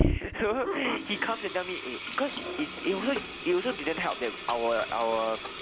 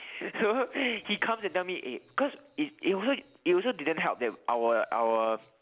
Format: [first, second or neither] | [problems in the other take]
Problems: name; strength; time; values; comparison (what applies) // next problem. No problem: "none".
second | background sound (Sink (filling or washing)); 3 dB below the speech